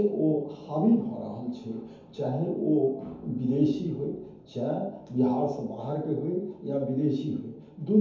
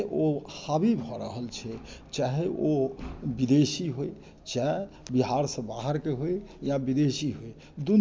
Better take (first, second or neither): second